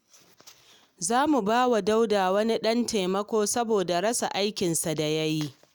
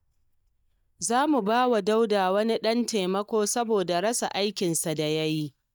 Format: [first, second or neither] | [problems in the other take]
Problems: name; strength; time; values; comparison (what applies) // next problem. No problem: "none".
first | noise reduction (neural mask model DeepFilterNet 3)